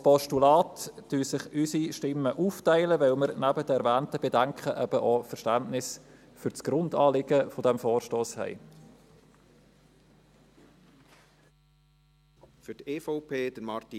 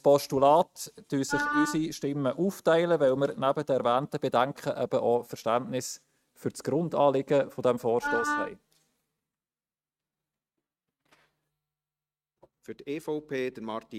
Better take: first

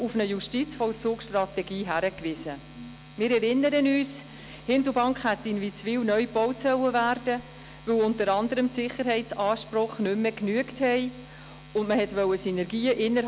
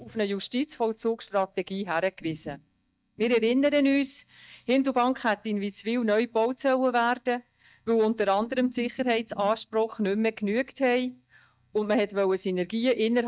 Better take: first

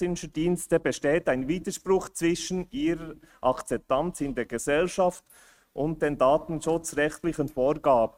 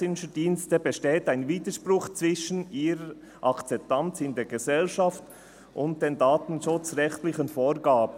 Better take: second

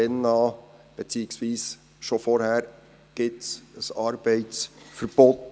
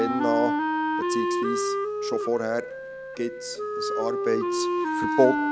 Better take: first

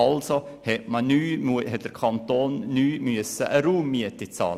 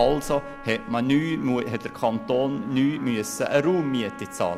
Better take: first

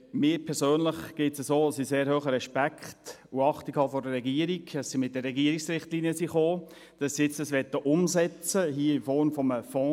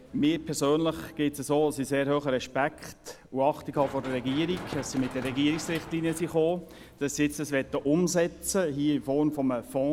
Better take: first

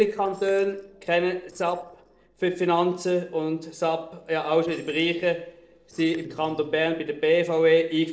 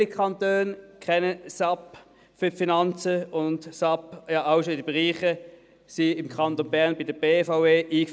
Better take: second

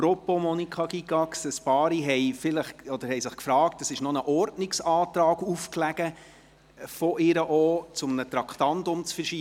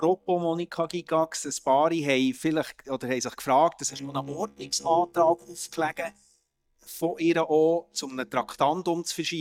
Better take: first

